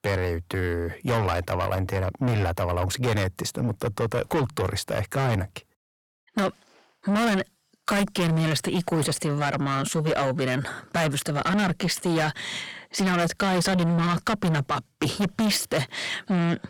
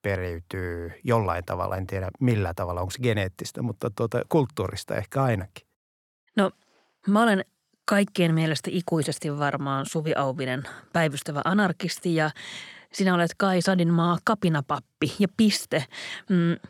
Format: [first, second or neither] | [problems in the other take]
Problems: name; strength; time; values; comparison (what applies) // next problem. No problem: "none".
second | distortion; heavy; 6 dB below the speech